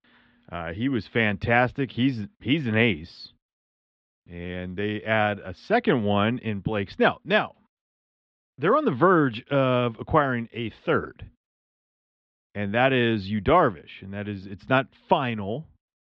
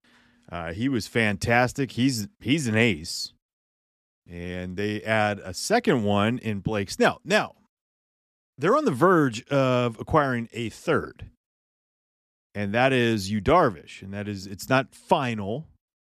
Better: second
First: muffled; very; fading above 3.5 kHz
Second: none

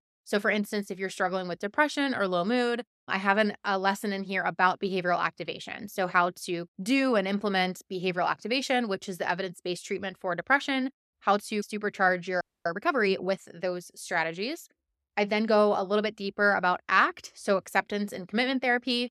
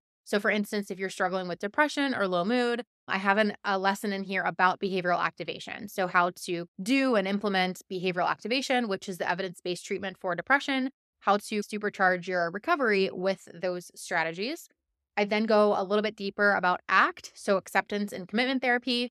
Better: second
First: audio freezing; at 12 s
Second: none

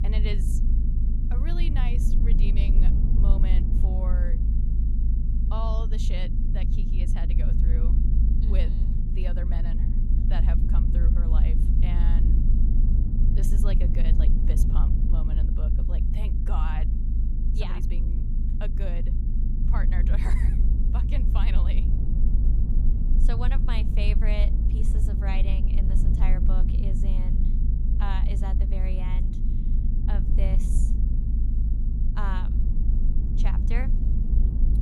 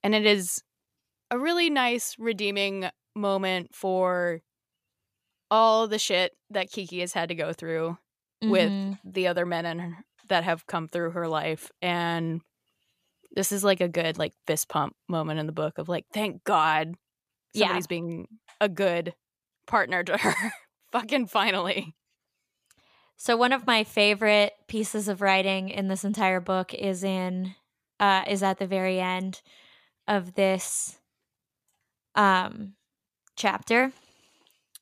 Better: second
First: low rumble; loud; throughout; 2 dB below the speech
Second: none

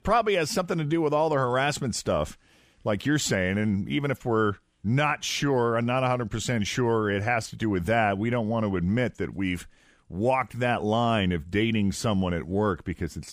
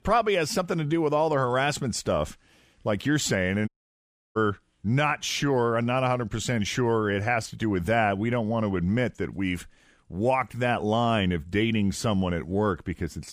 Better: first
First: none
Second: audio cutting out; at 3.5 s for 0.5 s

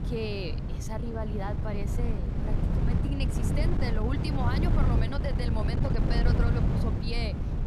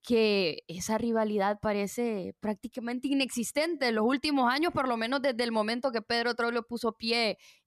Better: second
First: wind noise on the microphone; heavy; 1 dB below the speech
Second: none

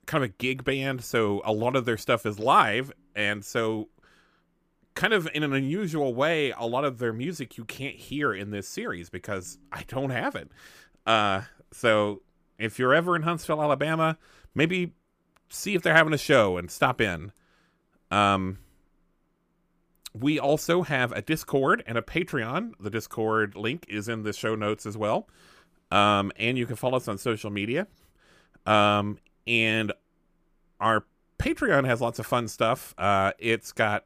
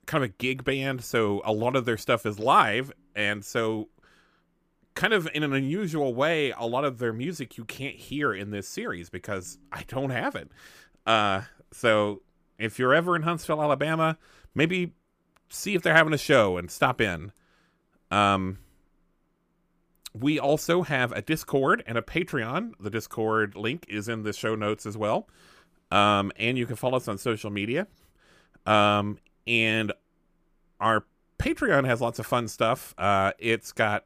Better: neither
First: none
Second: none

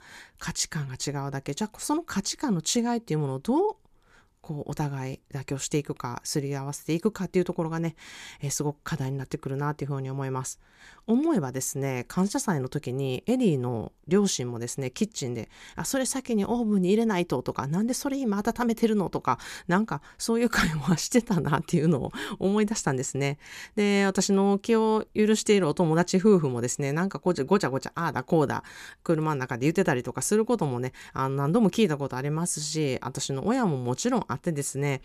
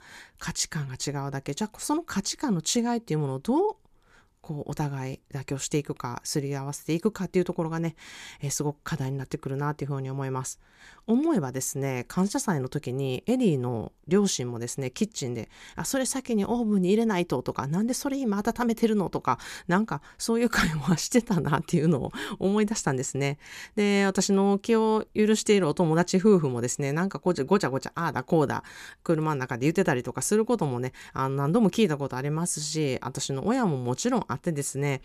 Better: neither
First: none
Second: none

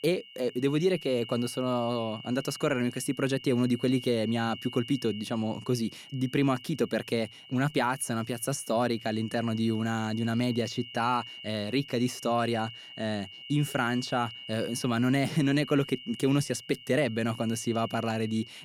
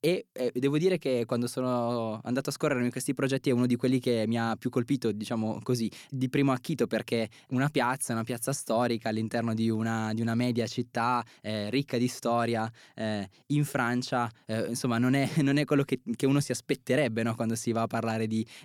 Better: second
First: high-pitched whine; noticeable; throughout; 3 kHz, 15 dB below the speech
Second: none

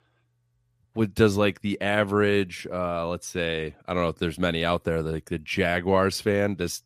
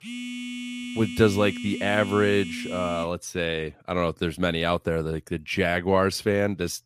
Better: first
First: none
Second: phone ringing; noticeable; until 3 s; peak 8 dB below the speech

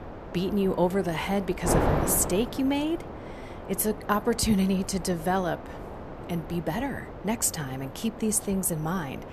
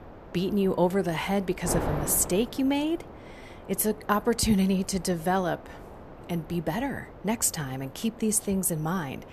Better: second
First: wind noise on the microphone; heavy; 7 dB below the speech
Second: wind noise on the microphone; occasional gusts; 15 dB below the speech

